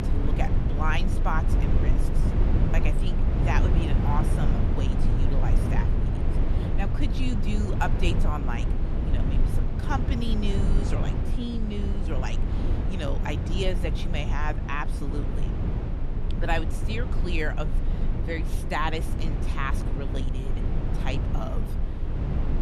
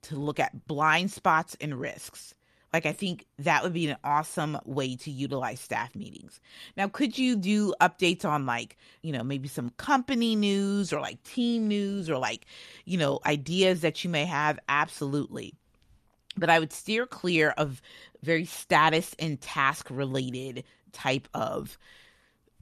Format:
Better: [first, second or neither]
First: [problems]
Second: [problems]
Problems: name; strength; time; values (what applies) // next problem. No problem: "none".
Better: second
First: low rumble; loud; throughout; 4 dB below the speech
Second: none